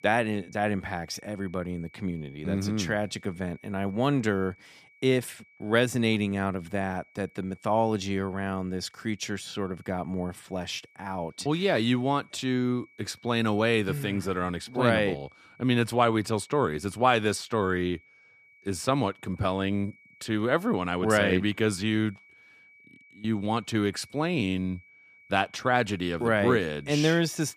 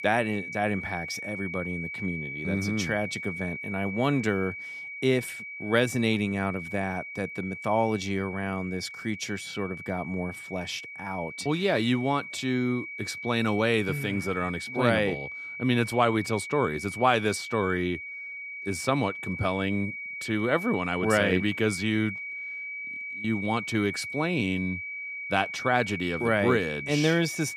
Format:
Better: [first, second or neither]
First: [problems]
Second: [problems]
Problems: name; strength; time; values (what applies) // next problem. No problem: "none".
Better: first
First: high-pitched whine; faint; throughout; 2.5 kHz, 30 dB below the speech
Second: high-pitched whine; loud; throughout; 2.5 kHz, 7 dB below the speech